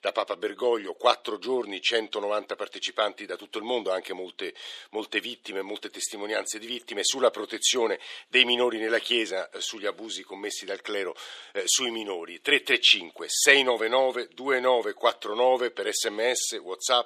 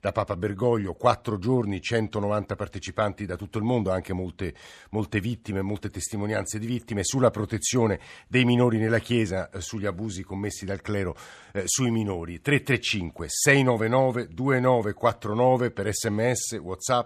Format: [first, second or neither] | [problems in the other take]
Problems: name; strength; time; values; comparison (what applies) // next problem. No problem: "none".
second | thin; very; fading below 350 Hz